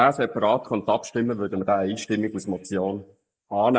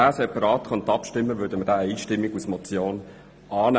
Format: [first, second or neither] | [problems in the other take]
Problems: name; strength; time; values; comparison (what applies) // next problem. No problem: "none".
second | noise reduction (neural mask model Resemble Enhance denoiser)